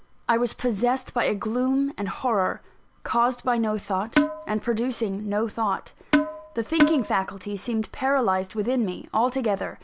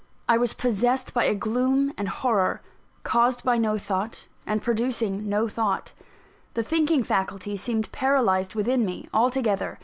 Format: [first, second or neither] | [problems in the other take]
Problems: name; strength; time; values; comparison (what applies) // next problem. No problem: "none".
second | background sound (Percussion); as loud as the speech